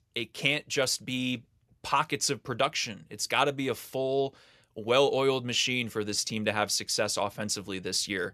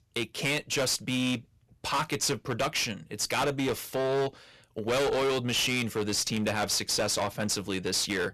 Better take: first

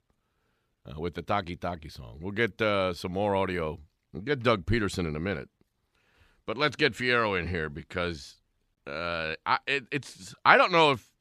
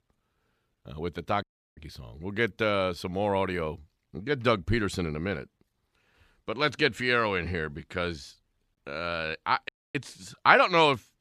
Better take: first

